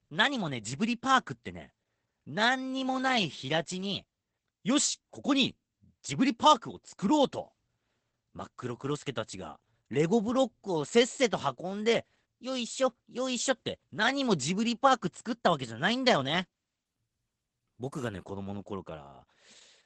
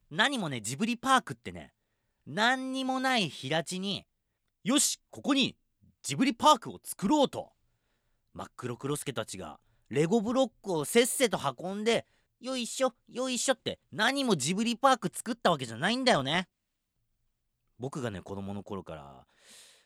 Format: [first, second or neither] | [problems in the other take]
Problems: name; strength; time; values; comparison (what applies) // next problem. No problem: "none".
second | garbled, watery; badly; nothing above 8 kHz